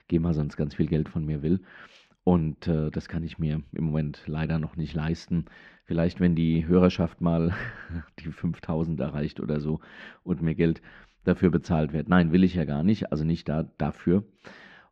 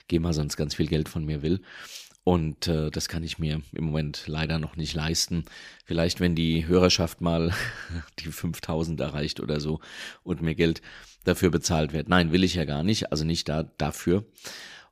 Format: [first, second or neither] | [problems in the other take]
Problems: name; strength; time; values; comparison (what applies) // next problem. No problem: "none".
second | muffled; very; fading above 2 kHz